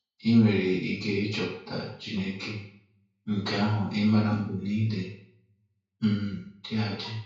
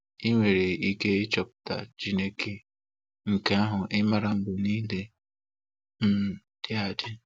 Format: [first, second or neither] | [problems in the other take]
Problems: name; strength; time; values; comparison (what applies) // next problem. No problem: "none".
second | room echo; dies away in 0.5 s